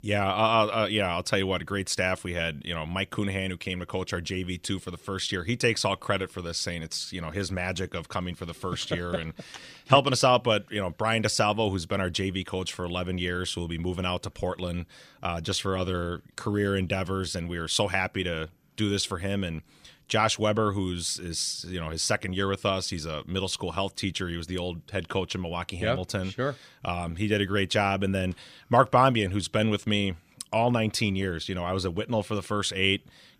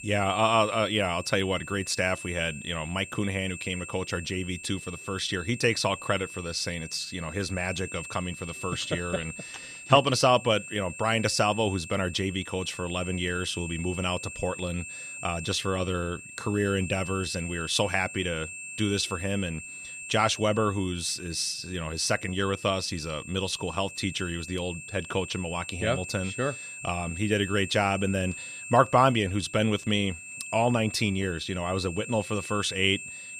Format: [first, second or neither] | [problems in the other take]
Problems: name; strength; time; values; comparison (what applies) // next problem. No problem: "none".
first | high-pitched whine; noticeable; throughout; 2.5 kHz, 10 dB below the speech